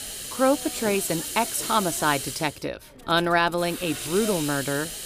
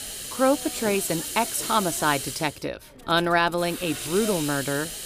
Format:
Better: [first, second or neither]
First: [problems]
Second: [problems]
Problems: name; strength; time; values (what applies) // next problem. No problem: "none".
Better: neither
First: hiss; loud; throughout; 6 dB below the speech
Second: hiss; loud; throughout; 6 dB below the speech